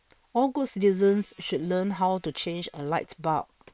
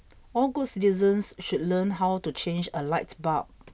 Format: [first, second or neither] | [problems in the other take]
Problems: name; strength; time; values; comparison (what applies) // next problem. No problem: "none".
second | noise reduction (neural separator model SepFormer WHAM!)